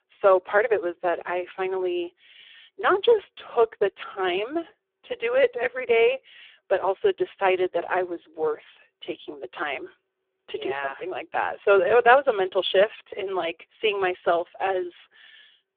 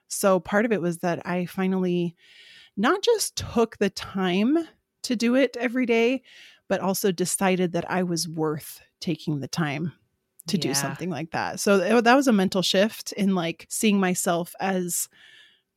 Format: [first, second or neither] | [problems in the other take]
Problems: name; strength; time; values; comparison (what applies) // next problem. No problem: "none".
second | phone-call audio; poor line; nothing above 3.5 kHz